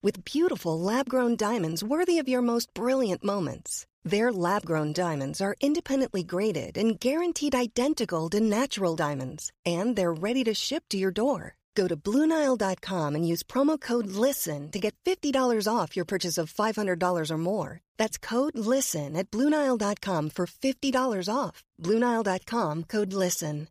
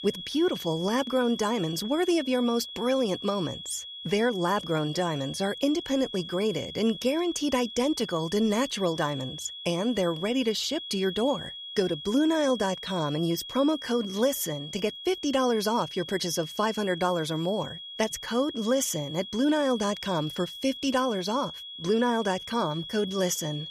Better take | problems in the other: first | high-pitched whine; noticeable; throughout; 3.5 kHz, 10 dB below the speech

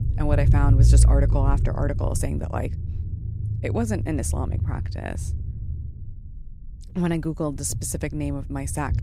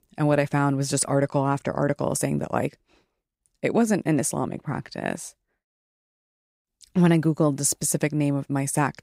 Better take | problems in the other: second | low rumble; loud; throughout; 9 dB below the speech

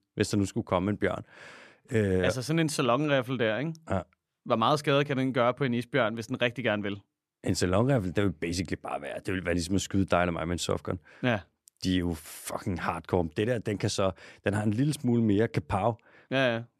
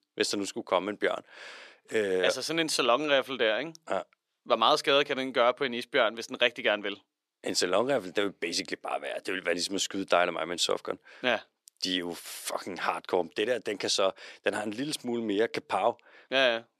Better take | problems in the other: first | thin; somewhat; fading below 450 Hz

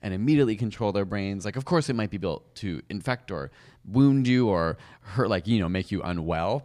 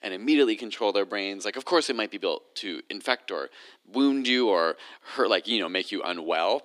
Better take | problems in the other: first | thin; somewhat; fading below 300 Hz

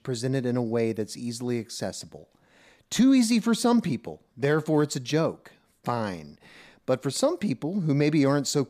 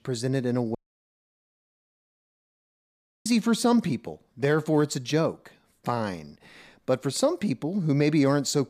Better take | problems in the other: first | audio cutting out; at 1 s for 2.5 s

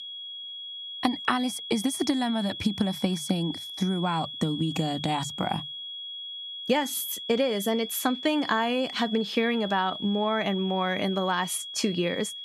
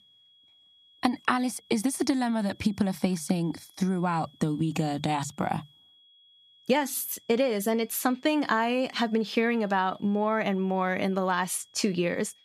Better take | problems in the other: second | high-pitched whine; loud; throughout; 3.5 kHz, 8 dB below the speech; faint in the second

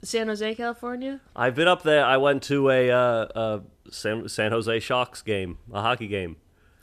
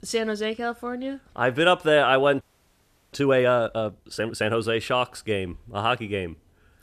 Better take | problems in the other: first | audio freezing; at 2.5 s for 0.5 s

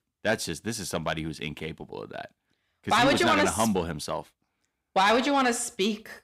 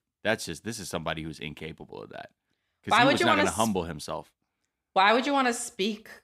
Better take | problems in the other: second | distortion; slight; 10 dB below the speech

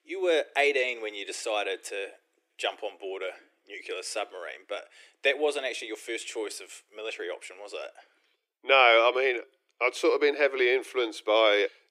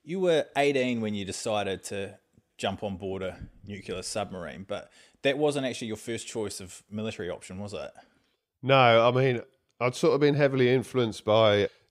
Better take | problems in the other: second | thin; very; fading below 300 Hz

